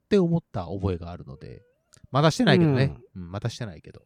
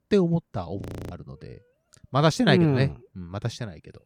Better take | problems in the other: first | audio freezing; at 1 s

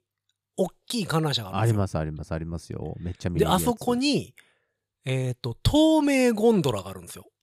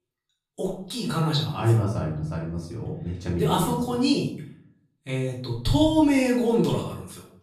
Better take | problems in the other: first | room echo; noticeable; dies away in 0.5 s // off-mic speech; far

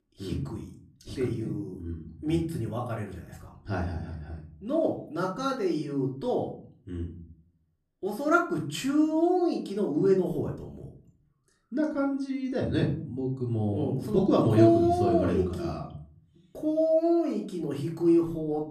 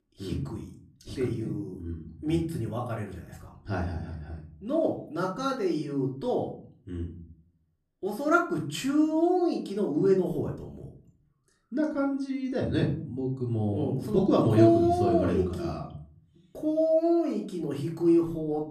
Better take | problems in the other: neither | room echo; slight; dies away in 0.5 s; the same in both // off-mic speech; far; the same in both

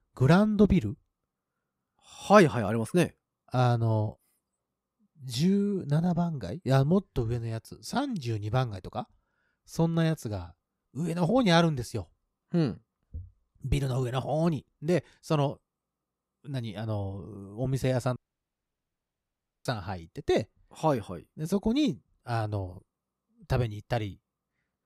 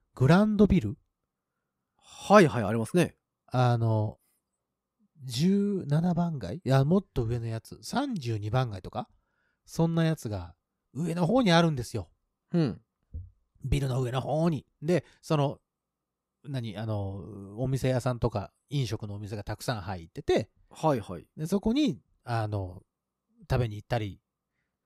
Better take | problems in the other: second | audio cutting out; at 18 s for 1.5 s

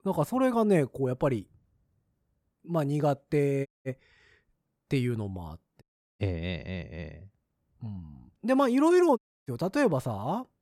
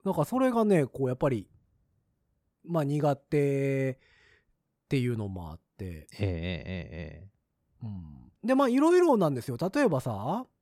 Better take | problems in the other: second | audio cutting out; at 3.5 s, at 6 s and at 9 s

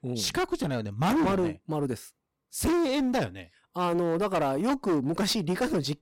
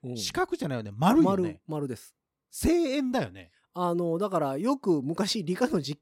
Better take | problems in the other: second | distortion; heavy; 18% of the sound clipped

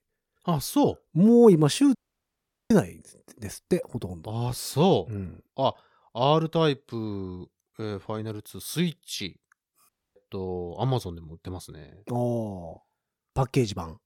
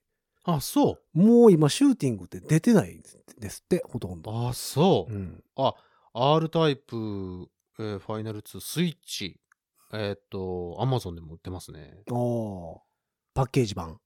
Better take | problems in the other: second | audio cutting out; at 2 s for 1 s and at 10 s

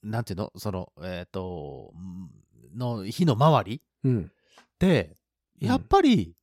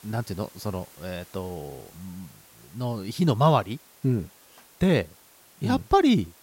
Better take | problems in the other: first | hiss; faint; throughout; 25 dB below the speech

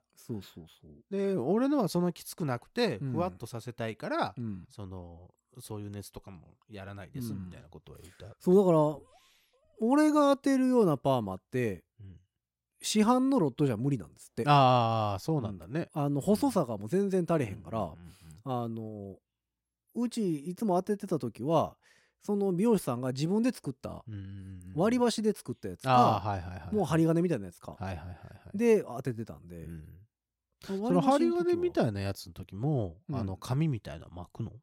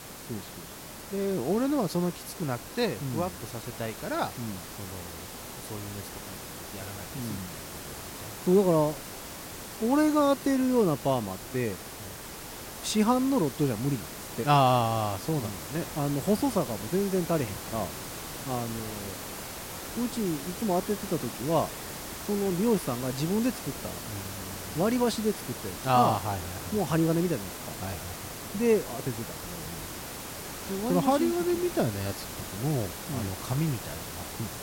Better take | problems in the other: first | hiss; loud; throughout; 10 dB below the speech

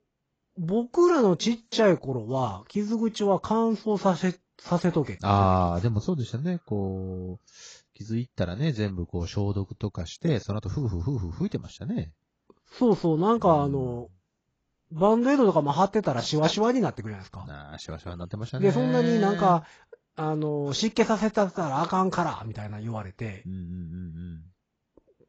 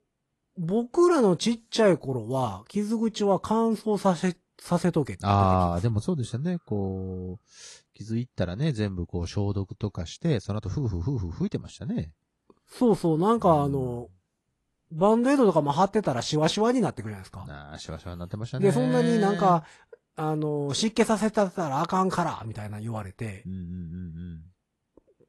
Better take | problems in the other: second | garbled, watery; badly; nothing above 7.5 kHz; slightly in the second

